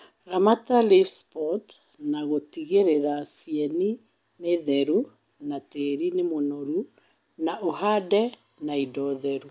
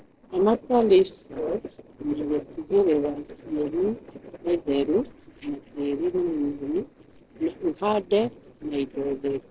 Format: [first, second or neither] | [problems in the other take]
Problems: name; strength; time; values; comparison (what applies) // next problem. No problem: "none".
first | noise reduction (neural separator model SepFormer DNS4)